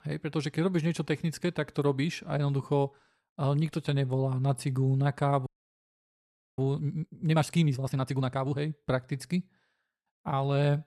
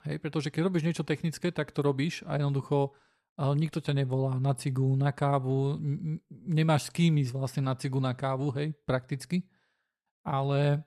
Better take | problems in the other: second | audio freezing; at 5.5 s for 1 s

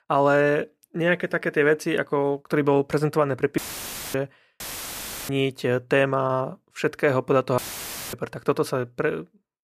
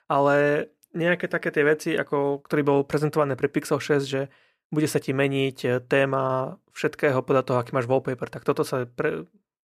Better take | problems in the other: second | audio cutting out; filled with static; at 3.5 s for 0.5 s, at 4.5 s for 0.5 s and at 7.5 s for 0.5 s

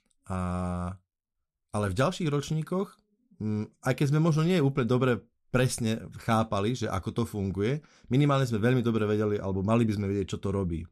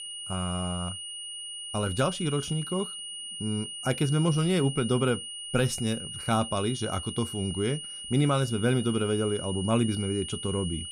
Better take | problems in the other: first | high-pitched whine; loud; throughout; 3 kHz, 7 dB below the speech

